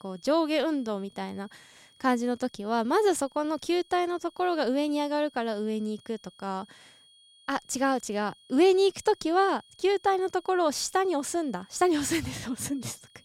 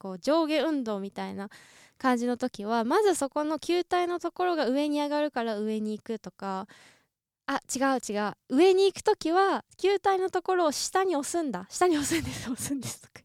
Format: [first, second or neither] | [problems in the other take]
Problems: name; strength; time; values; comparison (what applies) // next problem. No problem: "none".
second | high-pitched whine; faint; throughout; 3.5 kHz, 30 dB below the speech